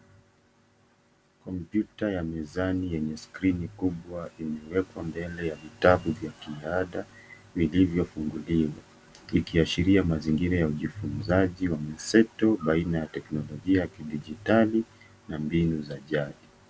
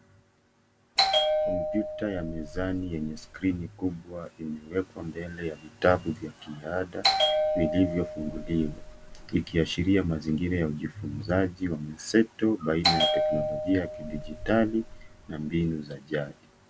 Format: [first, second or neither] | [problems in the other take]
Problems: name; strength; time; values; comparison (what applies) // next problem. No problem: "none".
first | background sound (Bell); as loud as the speech